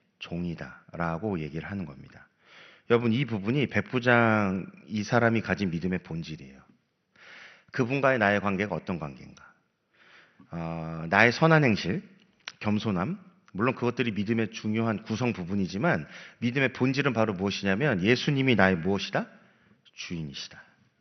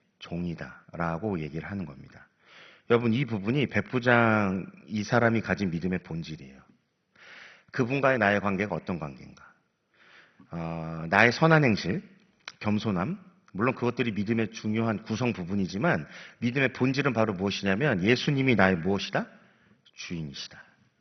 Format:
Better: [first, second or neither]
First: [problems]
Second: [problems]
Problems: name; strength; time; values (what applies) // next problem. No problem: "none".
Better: first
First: garbled, watery; slightly; nothing above 6 kHz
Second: garbled, watery; badly; nothing above 6 kHz